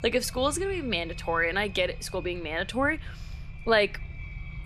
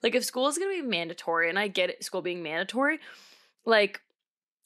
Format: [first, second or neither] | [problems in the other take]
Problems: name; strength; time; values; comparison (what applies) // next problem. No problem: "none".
second | low rumble; faint; throughout; 20 dB below the speech